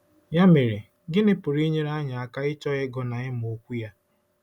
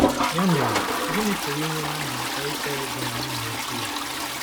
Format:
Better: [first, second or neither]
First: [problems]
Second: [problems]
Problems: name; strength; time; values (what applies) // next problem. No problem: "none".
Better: first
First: none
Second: background sound (Toilet flush); 4 dB above the speech